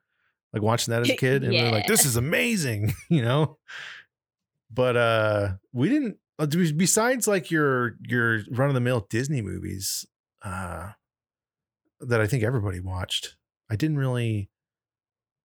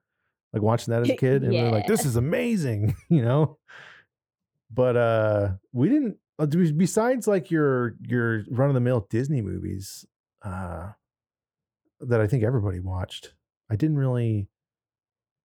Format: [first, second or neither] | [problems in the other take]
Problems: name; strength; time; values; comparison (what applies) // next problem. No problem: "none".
first | muffled; slightly; fading above 1.5 kHz